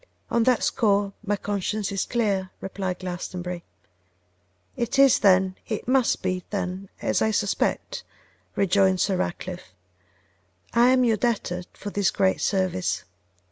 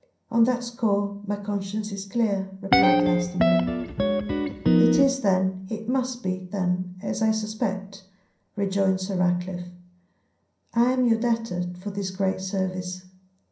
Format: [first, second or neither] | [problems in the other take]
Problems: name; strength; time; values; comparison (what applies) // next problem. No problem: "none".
first | background sound (Guitar); 2 dB above the speech // room echo; dies away in 0.6 s